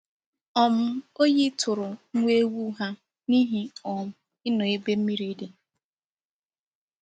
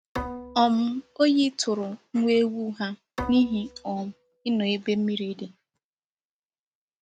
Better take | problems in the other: first | background sound (Bowed string instrument); 13 dB below the speech

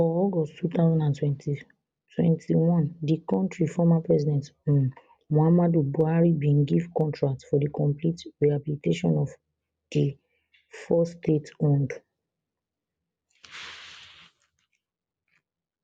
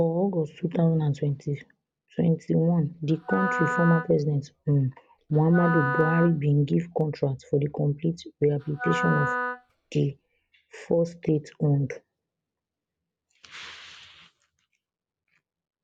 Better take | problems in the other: first | background sound (Wind instrument, woodwind instrument); 5 dB below the speech

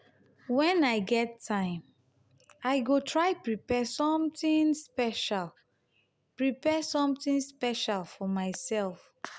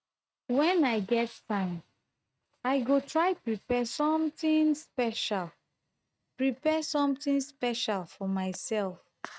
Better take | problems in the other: first | noise reduction (neural mask model RNNoise)

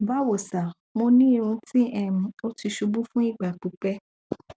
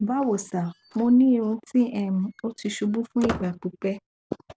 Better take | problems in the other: first | background sound (Squeak); 15 dB below the speech

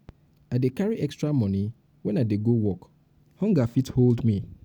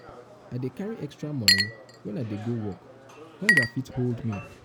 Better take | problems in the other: first | background sound (Chink, clink); 3 dB above the speech

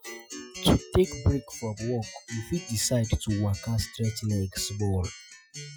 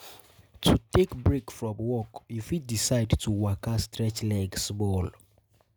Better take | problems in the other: second | noise reduction (classical method Wiener filter)

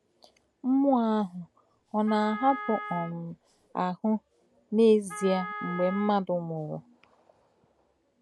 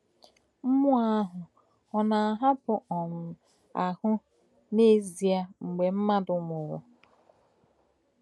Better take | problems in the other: second | background sound (Wind instrument, woodwind instrument); 11 dB below the speech

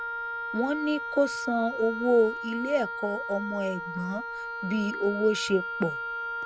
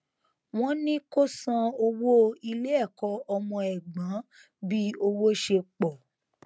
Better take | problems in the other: second | background sound (Wind instrument, woodwind instrument); 6 dB below the speech

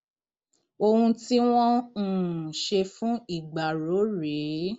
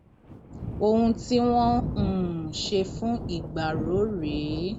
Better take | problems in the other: first | background sound (Thunder); 7 dB below the speech

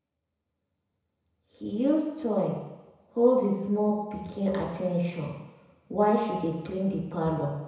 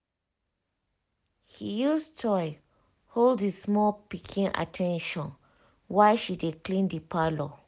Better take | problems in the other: second | room echo; dies away in 1 s

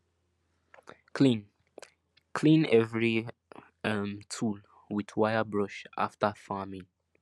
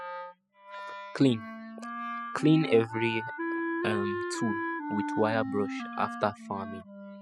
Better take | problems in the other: first | noise reduction (classical method spectral subtraction)

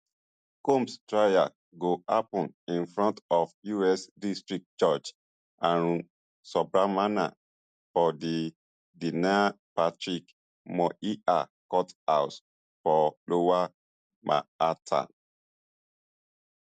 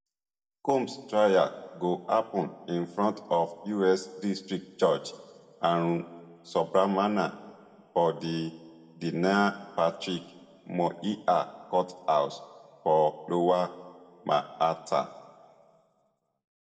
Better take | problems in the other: first | room echo; dies away in 1.1 s

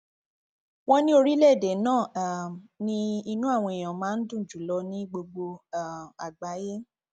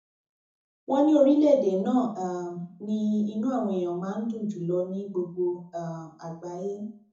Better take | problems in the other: first | room echo; dies away in 0.5 s

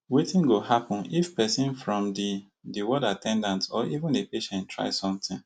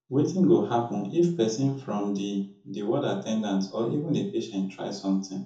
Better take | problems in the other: first | room echo; dies away in 0.6 s

